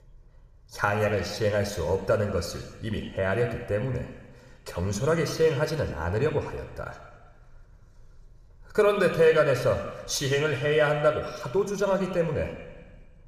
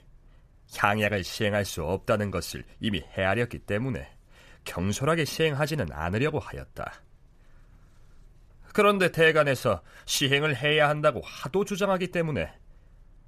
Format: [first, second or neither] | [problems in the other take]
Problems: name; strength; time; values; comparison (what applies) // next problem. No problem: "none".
second | room echo; slight; dies away in 1.4 s